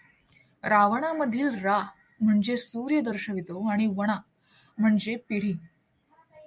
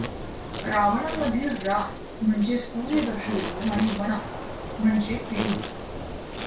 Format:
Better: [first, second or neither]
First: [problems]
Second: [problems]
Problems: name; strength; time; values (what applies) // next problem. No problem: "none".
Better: first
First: none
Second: background sound (Insect); 6 dB below the speech // room echo; dies away in 0.3 s